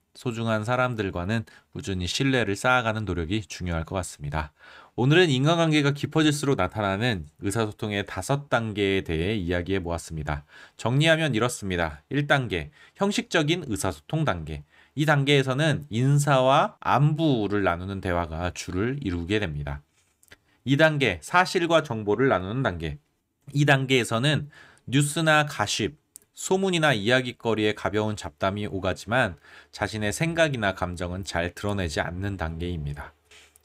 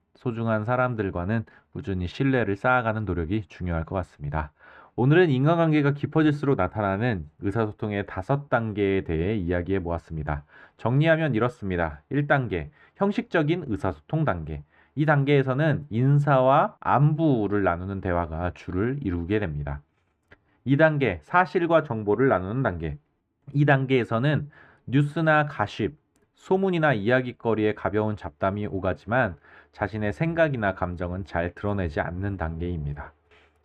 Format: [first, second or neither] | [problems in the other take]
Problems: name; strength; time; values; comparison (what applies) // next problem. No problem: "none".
first | muffled; very; fading above 4 kHz